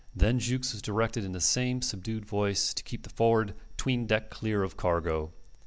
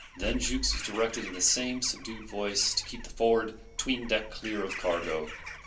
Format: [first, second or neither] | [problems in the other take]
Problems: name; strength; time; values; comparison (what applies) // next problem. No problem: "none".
first | background sound (Bird vocalization, bird call, bird song / Crow); 14 dB below the speech // room echo; dies away in 0.3 s